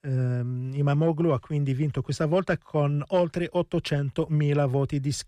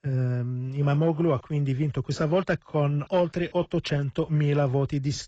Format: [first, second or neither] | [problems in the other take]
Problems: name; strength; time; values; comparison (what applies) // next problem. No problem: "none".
first | garbled, watery; badly; nothing above 7.5 kHz